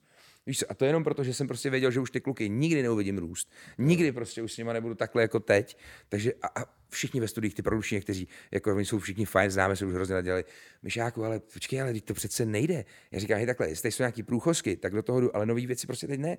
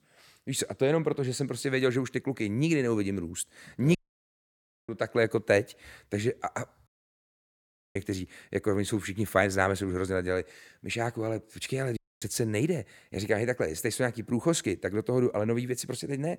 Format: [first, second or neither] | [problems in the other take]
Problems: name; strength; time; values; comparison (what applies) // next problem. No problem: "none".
first | audio cutting out; at 4 s for 1 s, at 7 s for 1 s and at 12 s